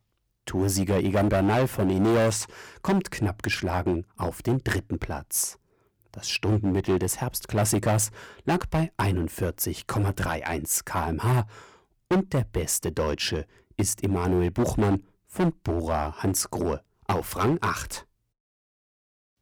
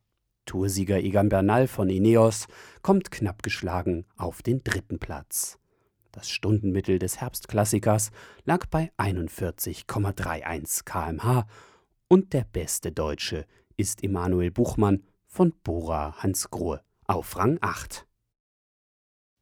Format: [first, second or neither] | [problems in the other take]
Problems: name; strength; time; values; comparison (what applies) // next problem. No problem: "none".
second | distortion; heavy; 8% of the sound clipped